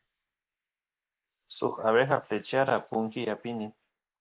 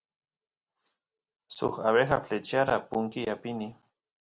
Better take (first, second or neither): second